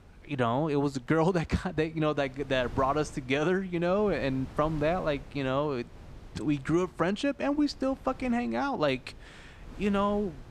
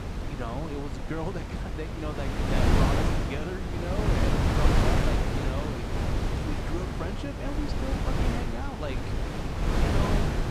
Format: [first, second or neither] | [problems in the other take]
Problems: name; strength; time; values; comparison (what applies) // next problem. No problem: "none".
first | wind noise on the microphone; heavy; 5 dB above the speech; occasional gusts in the first